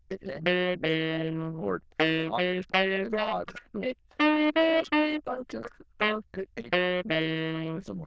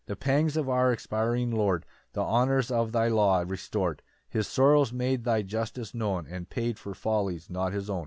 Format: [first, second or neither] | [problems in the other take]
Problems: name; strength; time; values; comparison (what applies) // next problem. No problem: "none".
second | noise reduction (neural diffusion model UNIVERSE++)